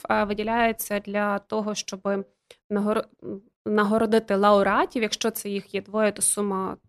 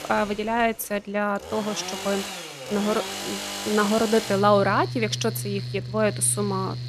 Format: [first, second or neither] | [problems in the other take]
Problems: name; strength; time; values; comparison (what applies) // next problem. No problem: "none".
first | machinery noise; loud; throughout; 8 dB below the speech